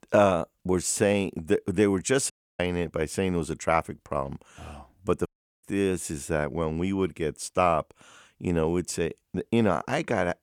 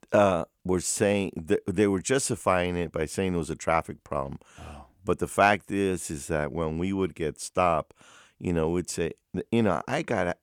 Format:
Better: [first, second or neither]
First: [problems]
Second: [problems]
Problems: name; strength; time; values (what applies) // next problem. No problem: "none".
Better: second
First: audio cutting out; at 2.5 s and at 5.5 s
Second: none